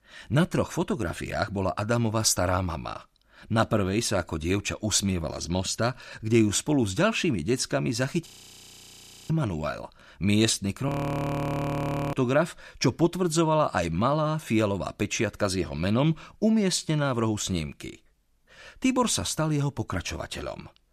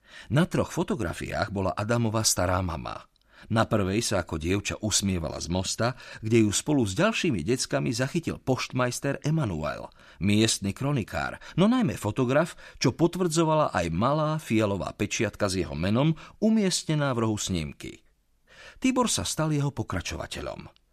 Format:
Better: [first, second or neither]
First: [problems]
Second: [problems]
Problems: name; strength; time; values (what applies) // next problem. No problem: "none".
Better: second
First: audio freezing; at 8.5 s for 1 s and at 11 s for 1 s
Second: none